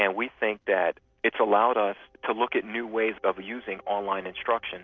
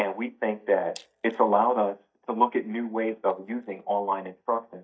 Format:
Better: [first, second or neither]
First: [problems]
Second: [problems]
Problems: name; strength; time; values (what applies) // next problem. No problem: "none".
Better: first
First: none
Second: noise reduction (neural mask model DeepFilterNet 3)